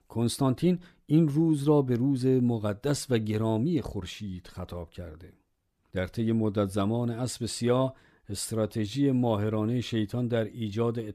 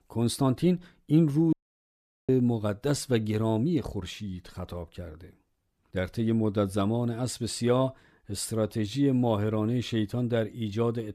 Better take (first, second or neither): first